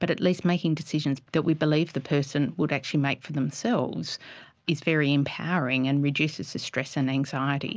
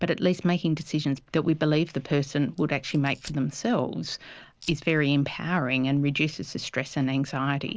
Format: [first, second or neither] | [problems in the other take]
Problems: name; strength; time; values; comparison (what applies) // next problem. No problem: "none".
first | noise reduction (neural separator model SepFormer DNS4)